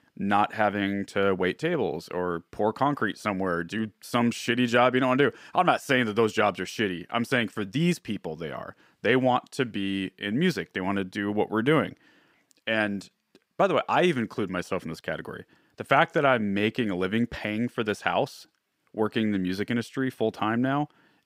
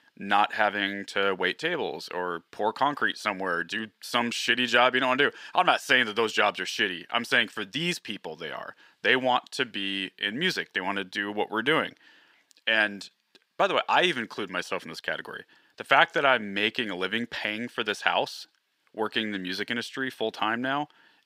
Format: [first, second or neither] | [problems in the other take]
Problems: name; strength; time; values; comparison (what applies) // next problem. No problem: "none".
first | thin; somewhat; fading below 900 Hz